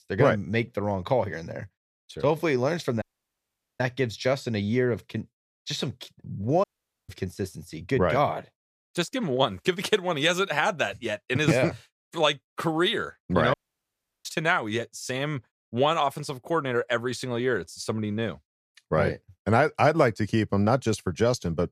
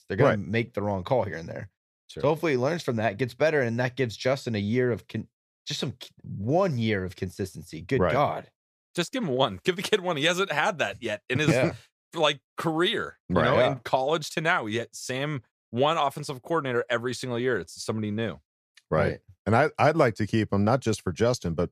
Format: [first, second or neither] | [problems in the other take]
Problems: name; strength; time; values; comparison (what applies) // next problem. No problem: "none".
second | audio cutting out; at 3 s for 1 s, at 6.5 s and at 14 s for 0.5 s